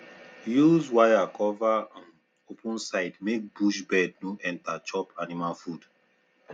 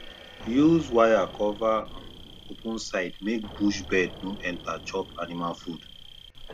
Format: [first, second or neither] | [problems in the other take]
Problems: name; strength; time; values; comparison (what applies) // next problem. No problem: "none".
first | background sound (Insect + Explosion); 15 dB below the speech